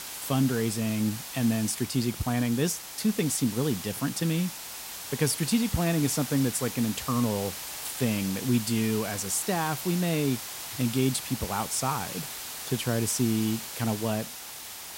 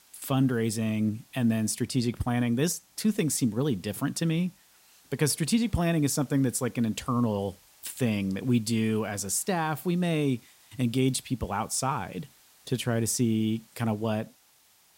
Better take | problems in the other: second | hiss; loud; throughout; 8 dB below the speech; faint in the second

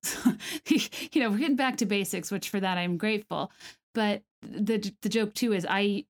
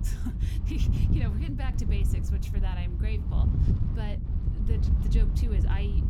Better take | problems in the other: first | wind noise on the microphone; heavy; as loud as the speech

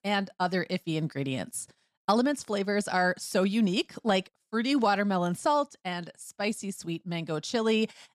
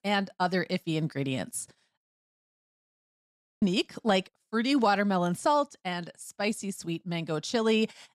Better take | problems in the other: first | audio freezing; at 2 s for 1.5 s

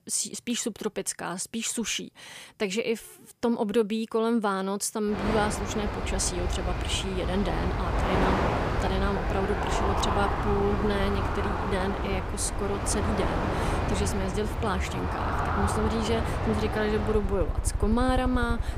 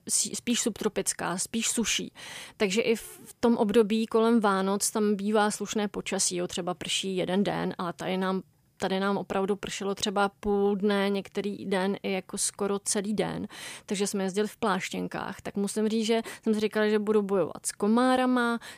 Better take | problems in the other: second | train or aircraft noise; loud; from 5 s on; as loud as the speech

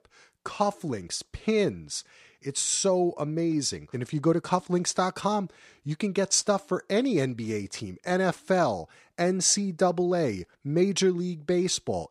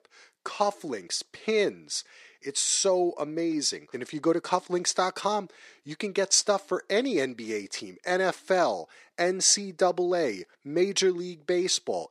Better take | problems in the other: first | thin; somewhat; fading below 350 Hz

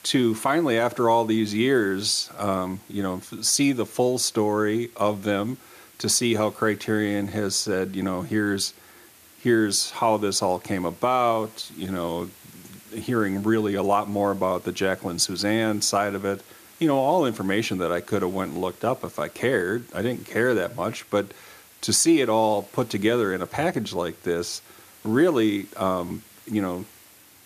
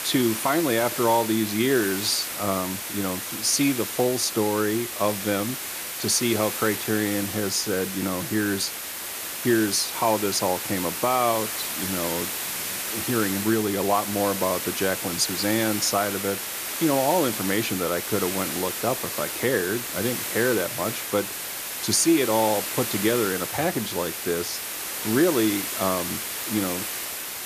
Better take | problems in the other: first | hiss; loud; throughout; 4 dB below the speech; faint in the first

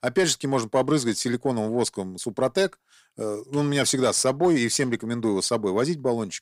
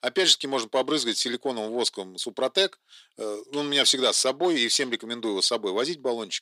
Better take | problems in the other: first | thin; very slightly; fading below 350 Hz

